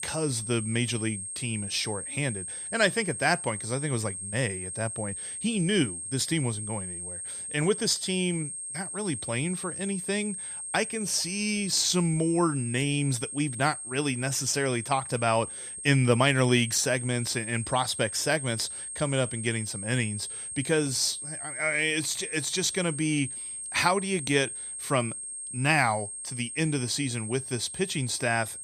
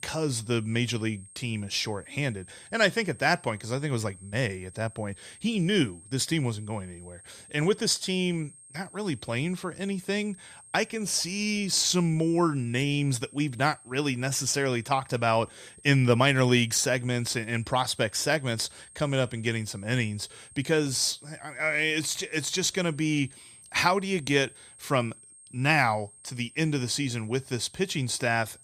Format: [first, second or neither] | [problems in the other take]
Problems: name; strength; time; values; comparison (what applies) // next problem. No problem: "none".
second | high-pitched whine; loud; throughout; 8.5 kHz, 7 dB below the speech; faint in the second